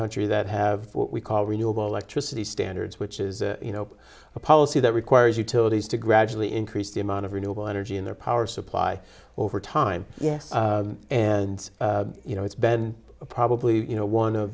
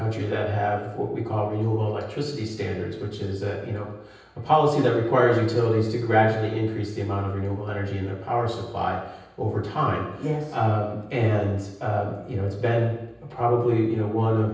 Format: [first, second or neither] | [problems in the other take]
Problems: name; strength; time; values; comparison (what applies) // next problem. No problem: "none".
first | room echo; dies away in 0.9 s